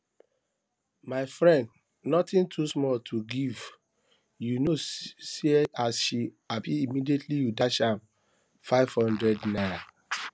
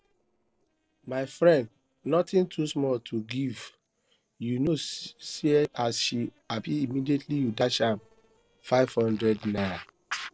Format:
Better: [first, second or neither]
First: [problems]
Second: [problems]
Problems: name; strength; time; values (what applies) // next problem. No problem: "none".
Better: first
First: none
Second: noise reduction (neural separator model SepFormer DNS4)